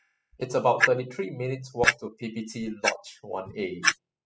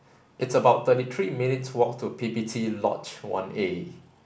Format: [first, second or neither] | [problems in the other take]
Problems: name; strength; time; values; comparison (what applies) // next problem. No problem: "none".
second | noise reduction (classical method spectral subtraction)